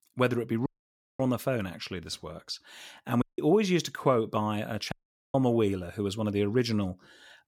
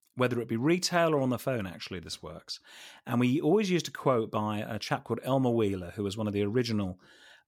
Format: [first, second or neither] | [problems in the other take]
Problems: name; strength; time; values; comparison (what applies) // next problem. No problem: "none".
second | audio cutting out; at 0.5 s for 0.5 s, at 3 s and at 5 s